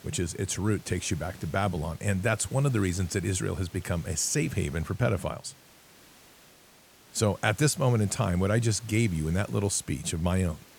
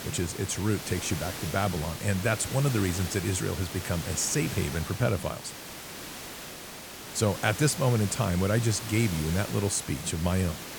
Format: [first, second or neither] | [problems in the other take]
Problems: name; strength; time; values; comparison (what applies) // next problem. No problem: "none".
first | hiss; loud; throughout; 9 dB below the speech; faint in the first